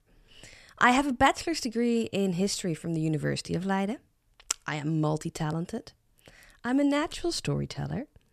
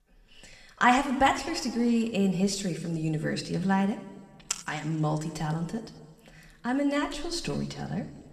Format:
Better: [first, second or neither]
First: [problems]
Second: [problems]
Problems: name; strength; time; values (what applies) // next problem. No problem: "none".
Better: first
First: none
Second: room echo; slight; dies away in 1.3 s